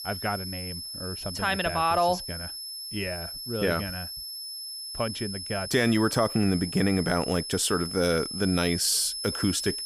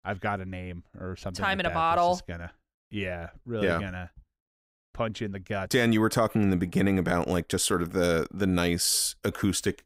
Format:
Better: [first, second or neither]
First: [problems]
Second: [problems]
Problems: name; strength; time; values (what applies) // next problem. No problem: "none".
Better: second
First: high-pitched whine; loud; throughout; 5 kHz, 7 dB below the speech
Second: none